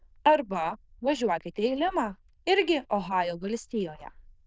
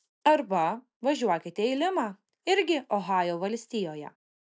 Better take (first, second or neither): second